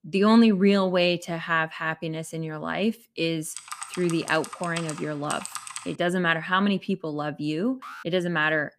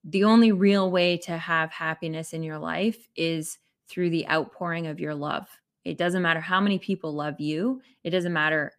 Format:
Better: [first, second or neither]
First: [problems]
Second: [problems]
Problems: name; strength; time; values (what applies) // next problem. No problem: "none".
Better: second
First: keyboard typing; noticeable; from 3.5 to 6 s; peak 9 dB below the speech // alarm; faint; at 8 s; peak 15 dB below the speech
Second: none